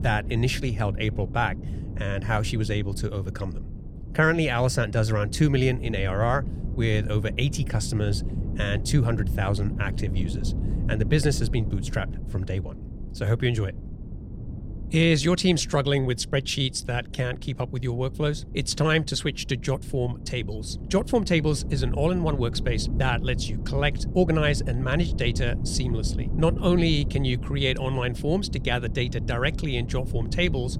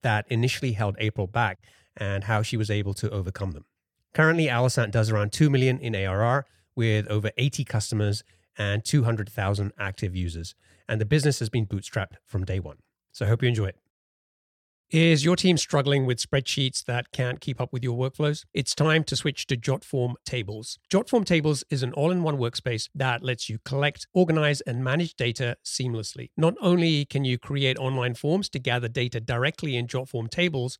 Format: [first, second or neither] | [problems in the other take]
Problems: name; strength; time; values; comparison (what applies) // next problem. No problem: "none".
second | wind noise on the microphone; occasional gusts; 15 dB below the speech